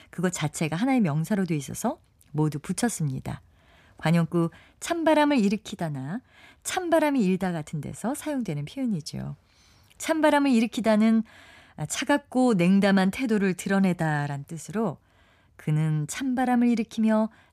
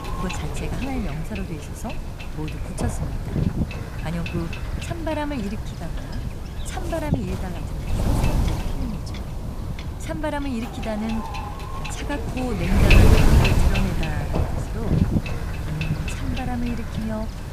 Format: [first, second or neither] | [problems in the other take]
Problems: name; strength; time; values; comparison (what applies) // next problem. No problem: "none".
first | wind noise on the microphone; heavy; 2 dB above the speech